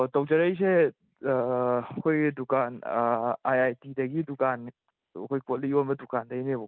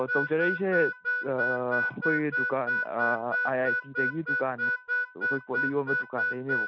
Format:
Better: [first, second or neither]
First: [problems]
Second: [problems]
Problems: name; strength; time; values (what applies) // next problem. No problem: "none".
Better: first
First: none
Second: background sound (Harmonica); 1 dB above the speech